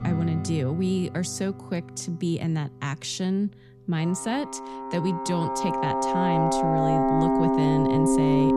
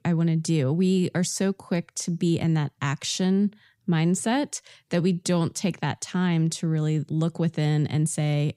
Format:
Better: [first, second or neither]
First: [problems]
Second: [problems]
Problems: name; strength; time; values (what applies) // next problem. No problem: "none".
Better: second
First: background music; very loud; throughout; 3 dB above the speech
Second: none